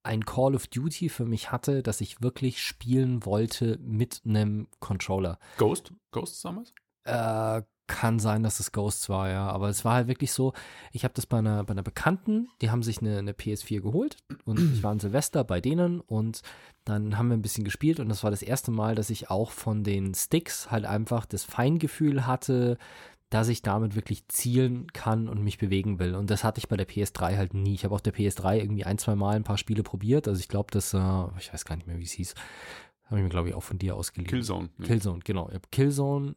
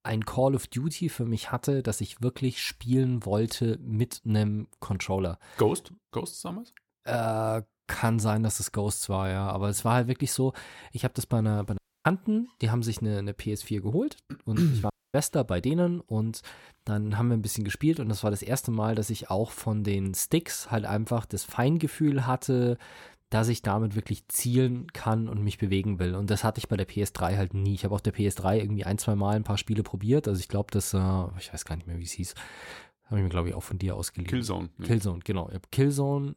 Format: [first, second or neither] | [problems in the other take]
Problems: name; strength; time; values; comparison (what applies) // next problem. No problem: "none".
first | audio cutting out; at 12 s and at 15 s